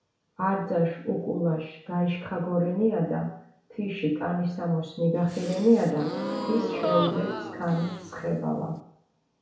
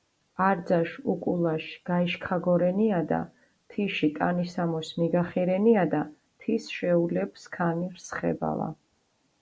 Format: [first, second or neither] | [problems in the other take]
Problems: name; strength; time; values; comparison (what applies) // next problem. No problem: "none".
second | background sound (Gasp); 6 dB below the speech // room echo; dies away in 0.6 s